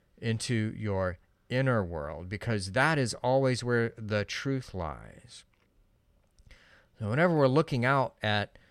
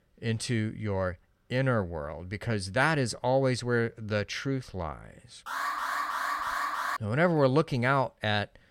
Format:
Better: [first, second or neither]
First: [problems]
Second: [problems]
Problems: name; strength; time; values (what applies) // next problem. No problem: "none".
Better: first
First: none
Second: alarm; noticeable; from 5.5 to 7 s; peak 1 dB below the speech